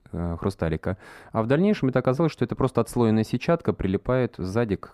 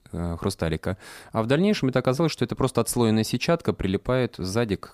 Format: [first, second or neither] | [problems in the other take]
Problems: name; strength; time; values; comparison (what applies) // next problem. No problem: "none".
second | muffled; slightly; fading above 3 kHz